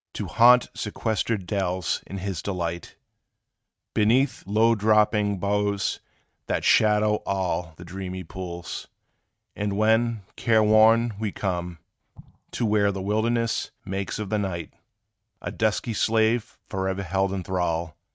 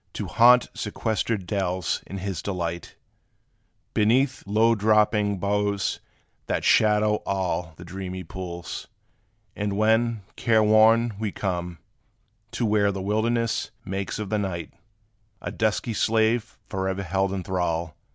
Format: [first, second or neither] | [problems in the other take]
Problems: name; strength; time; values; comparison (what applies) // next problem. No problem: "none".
second | noise reduction (neural mask model RNNoise)